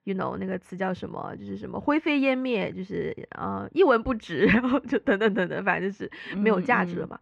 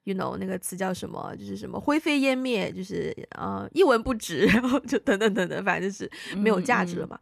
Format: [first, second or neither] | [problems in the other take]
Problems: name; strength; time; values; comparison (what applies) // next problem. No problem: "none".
second | muffled; slightly; fading above 2.5 kHz